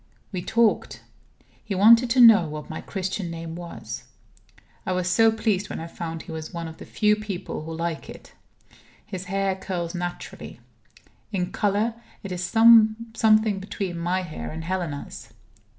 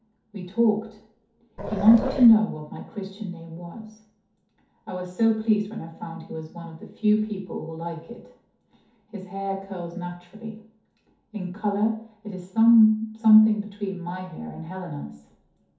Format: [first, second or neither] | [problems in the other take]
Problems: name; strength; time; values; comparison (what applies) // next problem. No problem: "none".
first | background sound (Growling); 6 dB below the speech // room echo; dies away in 0.5 s